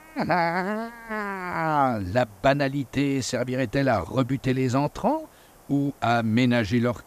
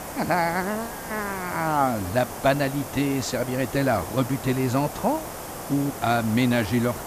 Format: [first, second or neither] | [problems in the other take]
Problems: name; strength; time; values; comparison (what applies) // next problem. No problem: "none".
first | hiss; loud; throughout; 10 dB below the speech; faint in the first